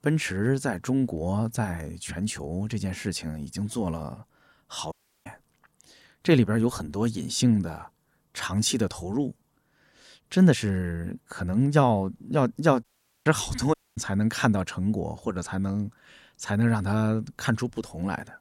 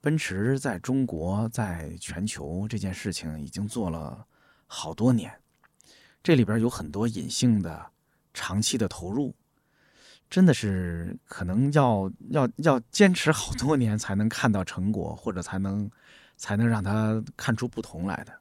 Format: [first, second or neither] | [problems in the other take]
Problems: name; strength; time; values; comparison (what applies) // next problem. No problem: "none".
second | audio cutting out; at 5 s, at 13 s and at 14 s